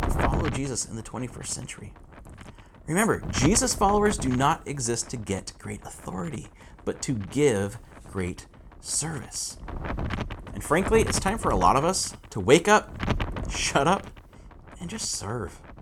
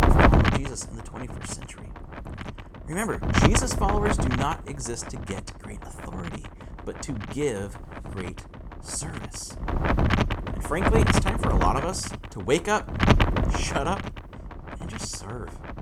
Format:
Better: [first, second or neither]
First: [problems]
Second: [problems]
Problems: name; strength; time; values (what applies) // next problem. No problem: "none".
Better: first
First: wind noise on the microphone; occasional gusts; 10 dB below the speech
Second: wind noise on the microphone; heavy; 3 dB above the speech